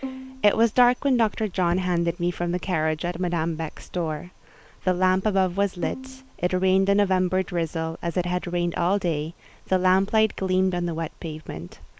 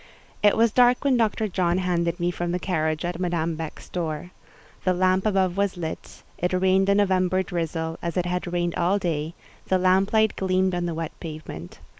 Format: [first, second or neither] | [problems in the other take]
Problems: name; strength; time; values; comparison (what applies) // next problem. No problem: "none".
second | background sound (Bowed string instrument); 15 dB below the speech